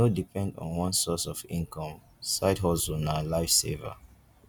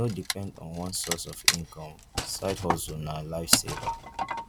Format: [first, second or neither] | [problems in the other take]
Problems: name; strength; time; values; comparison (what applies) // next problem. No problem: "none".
first | background sound (Wood); 2 dB above the speech